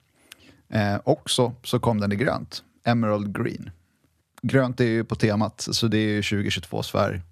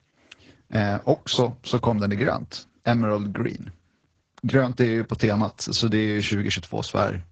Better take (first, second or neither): first